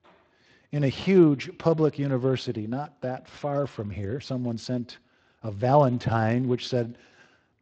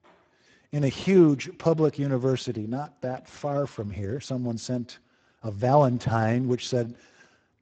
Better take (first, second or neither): first